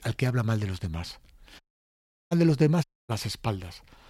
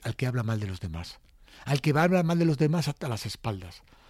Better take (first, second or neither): second